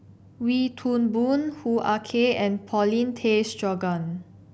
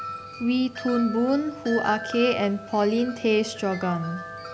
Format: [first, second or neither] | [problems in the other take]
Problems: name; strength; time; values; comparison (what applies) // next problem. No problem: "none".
first | background sound (Wind chime); 11 dB below the speech